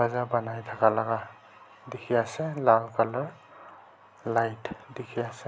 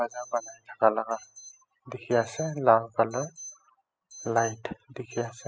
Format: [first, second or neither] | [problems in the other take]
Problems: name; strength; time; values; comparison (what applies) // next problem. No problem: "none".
first | noise reduction (classical method spectral subtraction)